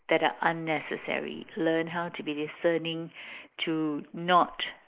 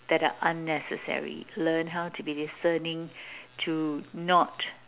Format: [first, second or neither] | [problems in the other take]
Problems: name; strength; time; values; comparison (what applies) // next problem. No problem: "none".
second | noise reduction (neural mask model Resemble Enhance denoiser)